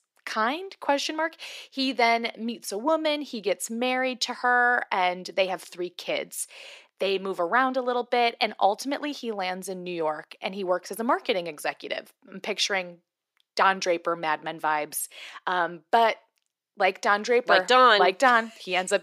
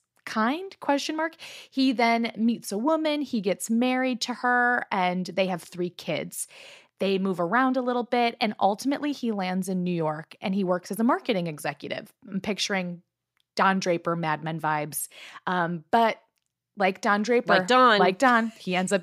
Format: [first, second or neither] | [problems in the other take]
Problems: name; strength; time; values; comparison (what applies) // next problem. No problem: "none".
second | thin; somewhat; fading below 400 Hz